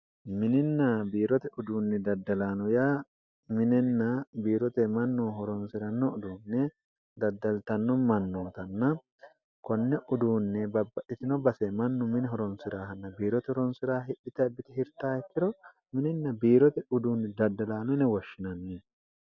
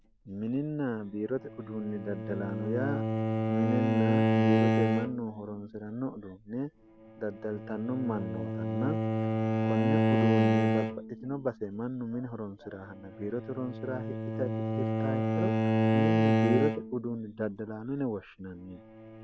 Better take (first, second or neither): first